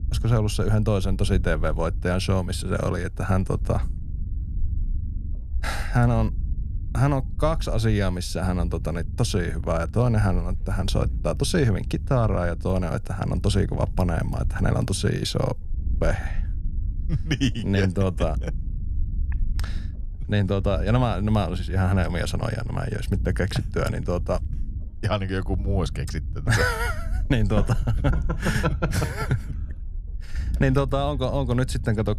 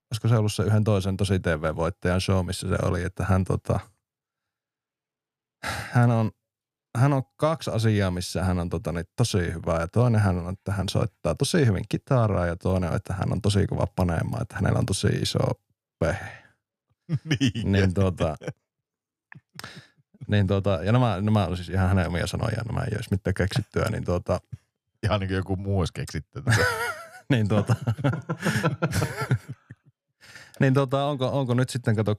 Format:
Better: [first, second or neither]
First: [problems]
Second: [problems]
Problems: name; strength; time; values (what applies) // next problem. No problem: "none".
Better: second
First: low rumble; faint; throughout; 20 dB below the speech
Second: none